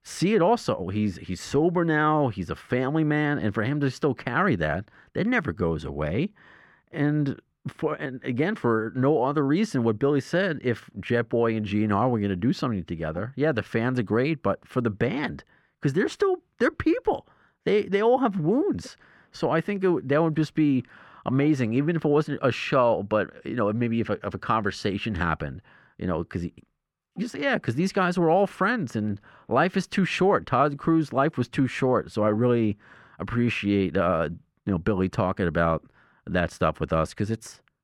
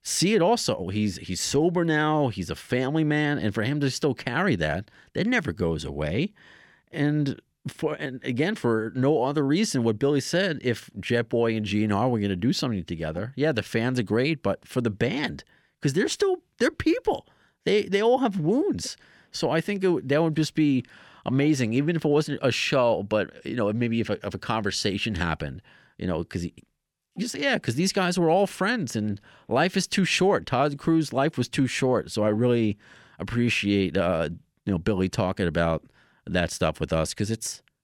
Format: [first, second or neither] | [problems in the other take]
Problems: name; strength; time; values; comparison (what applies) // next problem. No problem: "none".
second | muffled; slightly; fading above 3 kHz